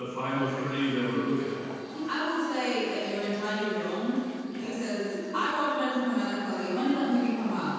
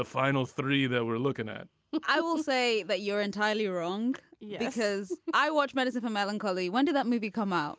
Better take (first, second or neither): second